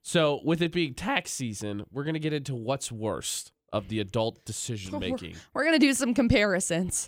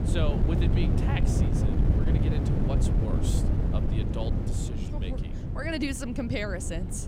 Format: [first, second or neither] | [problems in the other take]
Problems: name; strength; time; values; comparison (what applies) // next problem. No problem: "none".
first | wind noise on the microphone; heavy; 1 dB below the speech